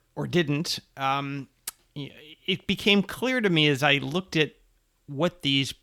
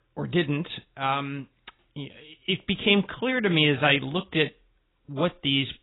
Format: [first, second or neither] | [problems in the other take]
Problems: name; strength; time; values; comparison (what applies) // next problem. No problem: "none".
first | garbled, watery; badly; nothing above 3.5 kHz